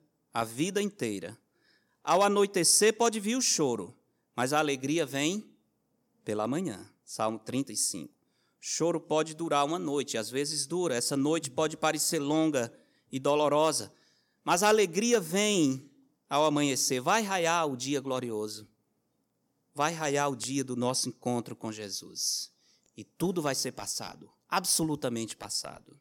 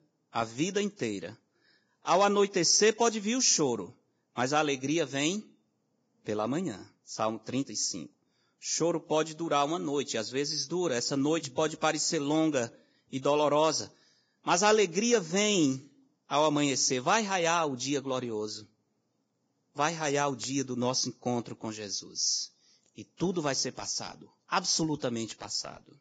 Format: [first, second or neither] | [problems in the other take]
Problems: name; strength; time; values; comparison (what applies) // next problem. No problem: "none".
first | garbled, watery; badly; nothing above 7.5 kHz